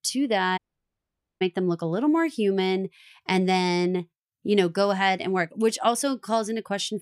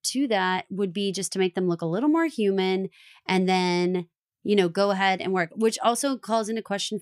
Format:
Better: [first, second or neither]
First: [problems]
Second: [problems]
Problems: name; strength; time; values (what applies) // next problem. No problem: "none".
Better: second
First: audio cutting out; at 0.5 s for 1 s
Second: none